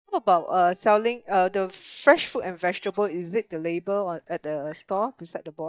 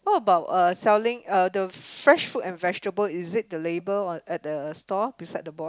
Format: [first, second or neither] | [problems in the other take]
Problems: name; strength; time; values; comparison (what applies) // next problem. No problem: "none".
second | noise reduction (neural mask model DeepFilterNet 3)